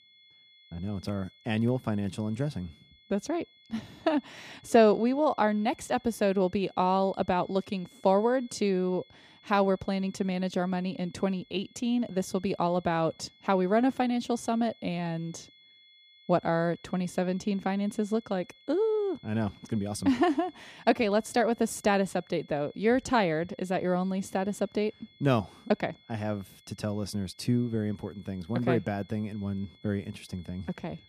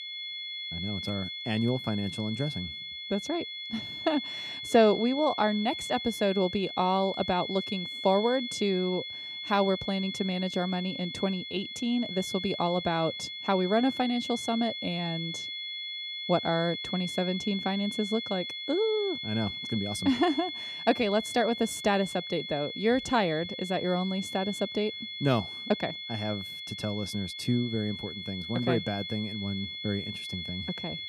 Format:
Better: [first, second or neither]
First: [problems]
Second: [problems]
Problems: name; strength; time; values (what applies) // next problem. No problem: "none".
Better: first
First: high-pitched whine; faint; throughout; 3.5 kHz, 30 dB below the speech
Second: high-pitched whine; loud; throughout; 3.5 kHz, 6 dB below the speech